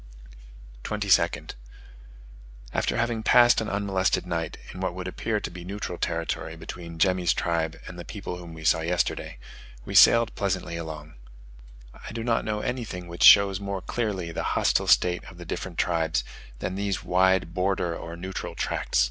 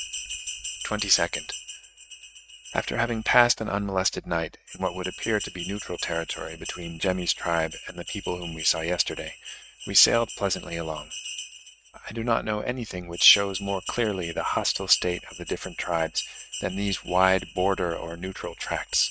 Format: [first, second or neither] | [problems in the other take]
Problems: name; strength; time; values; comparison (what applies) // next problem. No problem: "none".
first | noise reduction (neural mask model RNNoise)